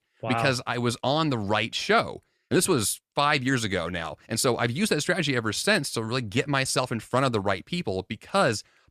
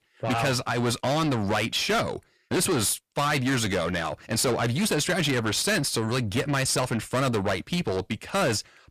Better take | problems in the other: first | distortion; heavy; 6 dB below the speech

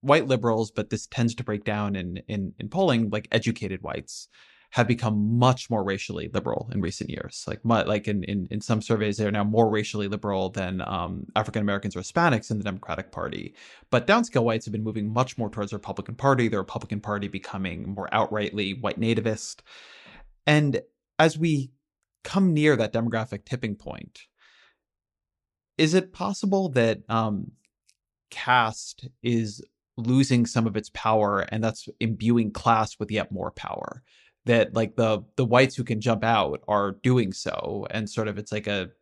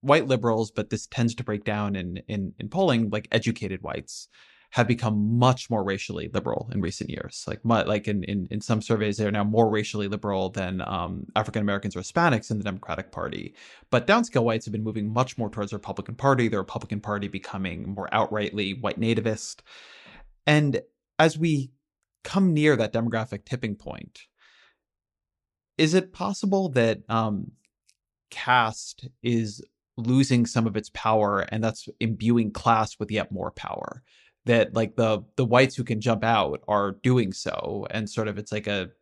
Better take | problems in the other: neither | none

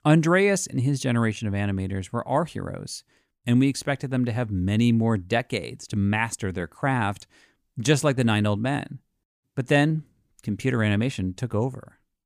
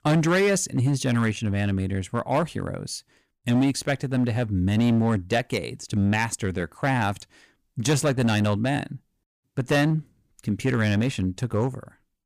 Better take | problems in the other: first | distortion; slight; 7% of the sound clipped

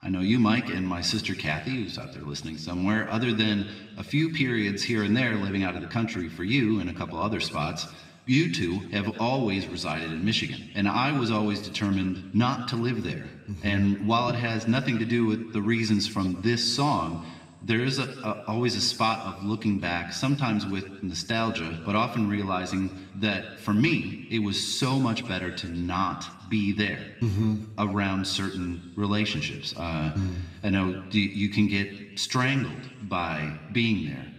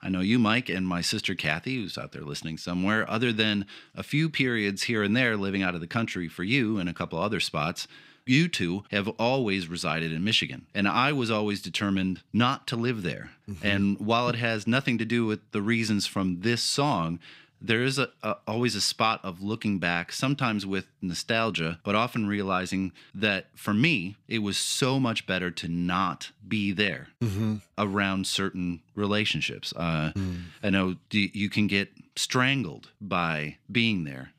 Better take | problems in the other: second | room echo; slight; dies away in 1.2 s // off-mic speech; somewhat distant

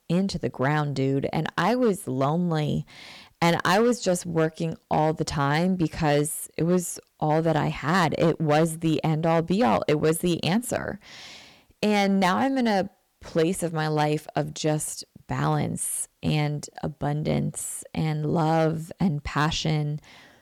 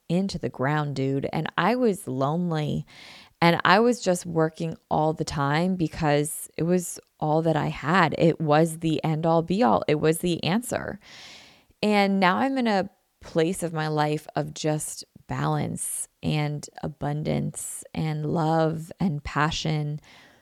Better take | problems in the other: second | distortion; slight; 4% of the sound clipped

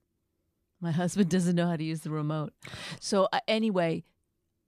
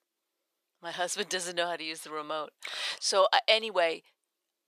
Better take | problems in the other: first | thin; very; fading below 550 Hz

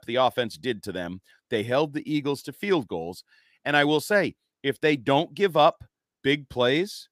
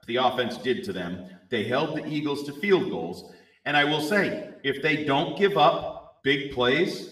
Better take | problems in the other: first | room echo; slight; dies away in 0.8 s // off-mic speech; far

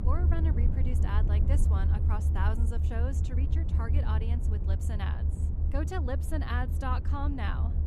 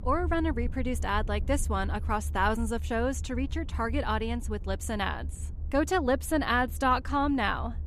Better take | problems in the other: second | low rumble; loud; throughout; 5 dB below the speech; faint in the second

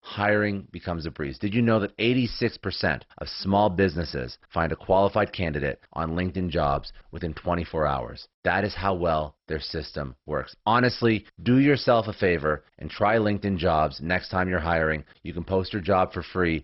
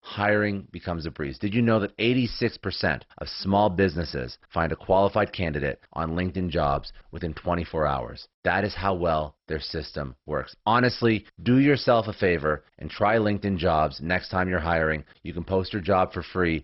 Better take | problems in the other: neither | garbled, watery; badly; nothing above 5.5 kHz; the same in both

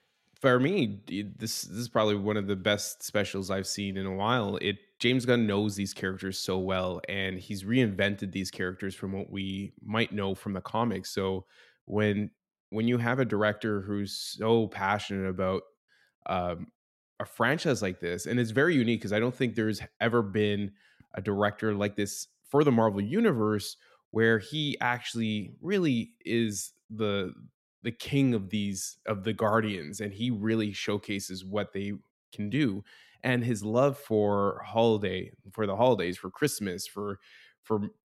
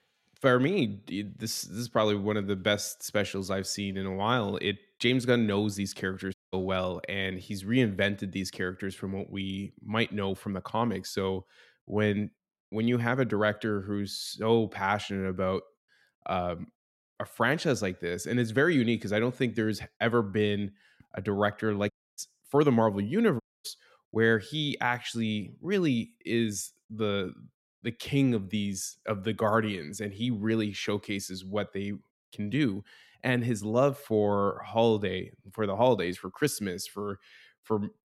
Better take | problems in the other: first | audio cutting out; at 6.5 s, at 22 s and at 23 s

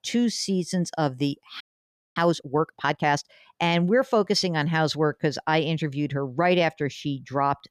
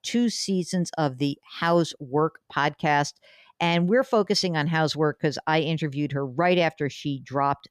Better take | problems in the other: second | audio freezing; at 1.5 s for 0.5 s

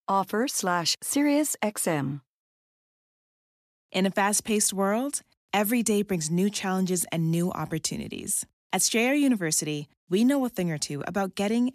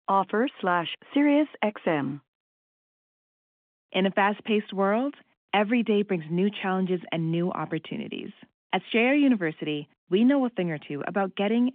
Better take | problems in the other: first | phone-call audio

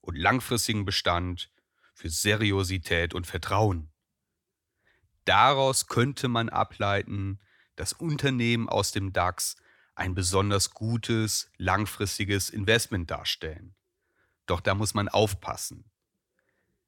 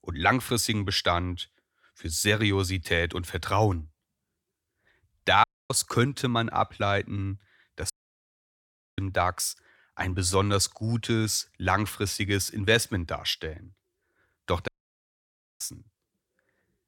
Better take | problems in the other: first | audio cutting out; at 5.5 s, at 8 s for 1 s and at 15 s for 1 s

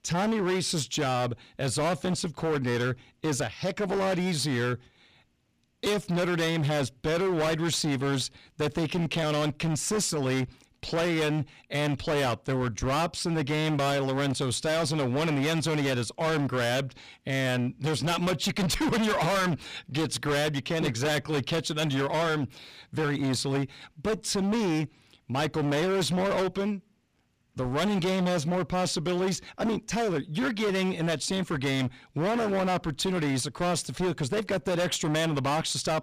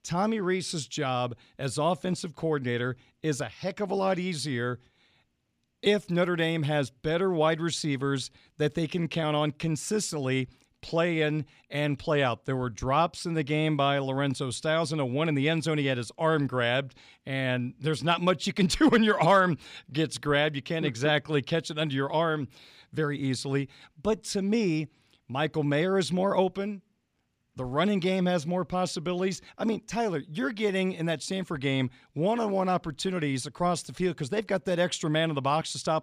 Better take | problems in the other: second | distortion; heavy; 26% of the sound clipped

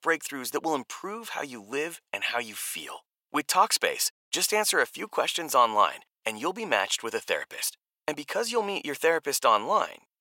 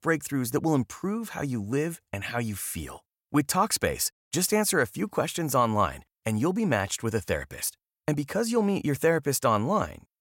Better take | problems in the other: second | thin; very; fading below 500 Hz

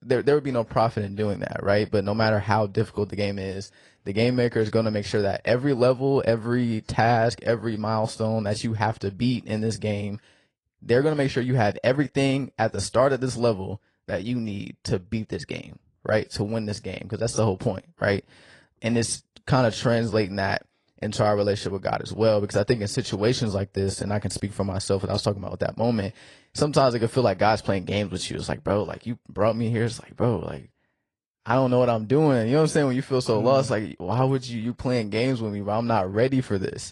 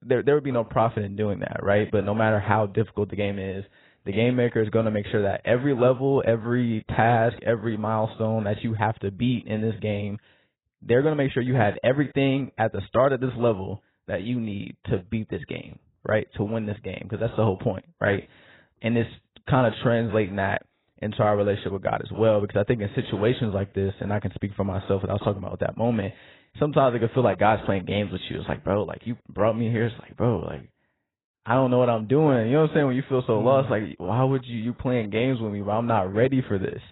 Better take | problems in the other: first | garbled, watery; badly; nothing above 4 kHz; slightly in the first

